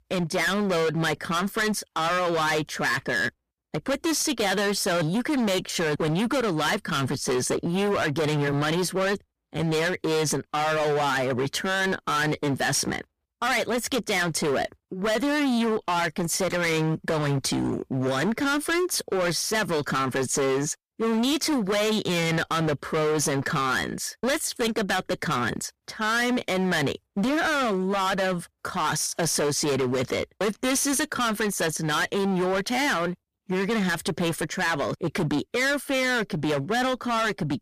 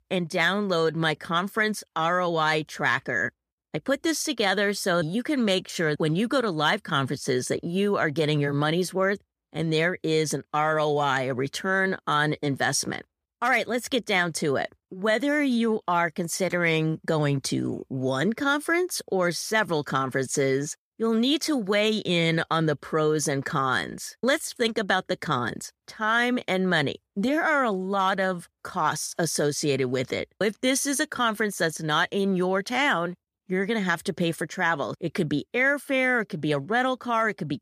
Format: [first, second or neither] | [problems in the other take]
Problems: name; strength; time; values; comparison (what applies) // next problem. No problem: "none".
second | distortion; heavy; 27% of the sound clipped